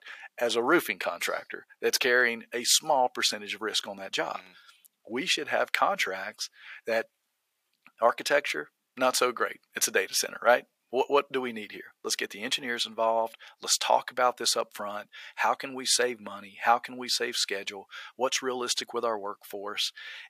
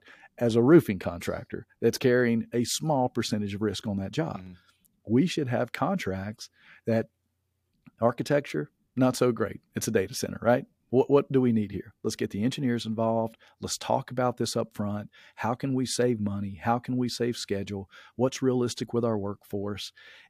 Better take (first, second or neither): second